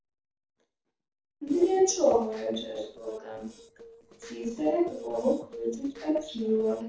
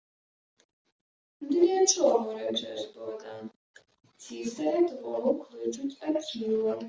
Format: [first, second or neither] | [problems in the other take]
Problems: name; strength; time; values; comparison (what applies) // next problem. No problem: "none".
second | noise reduction (neural separator model SepFormer DNS4)